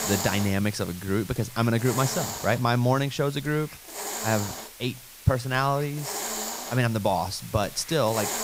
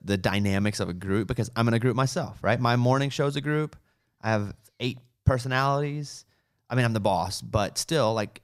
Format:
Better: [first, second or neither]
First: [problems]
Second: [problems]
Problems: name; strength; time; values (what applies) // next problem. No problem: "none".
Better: second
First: hiss; loud; throughout; 8 dB below the speech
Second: none